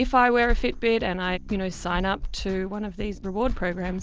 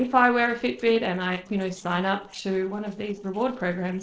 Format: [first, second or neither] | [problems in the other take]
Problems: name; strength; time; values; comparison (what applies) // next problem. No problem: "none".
first | noise reduction (neural separator model SepFormer DNS4)